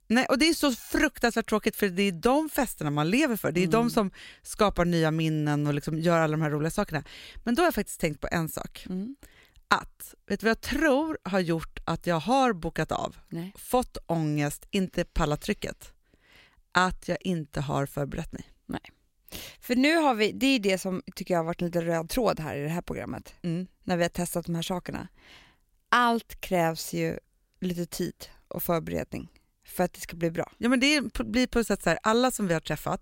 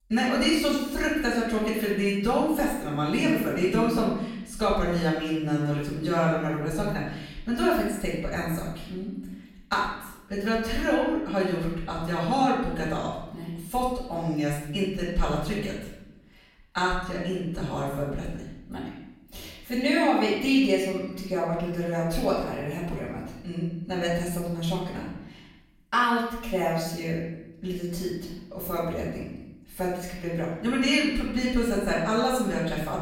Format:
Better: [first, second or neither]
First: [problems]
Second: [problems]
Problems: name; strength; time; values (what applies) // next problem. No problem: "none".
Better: first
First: none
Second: off-mic speech; far // room echo; noticeable; dies away in 0.9 s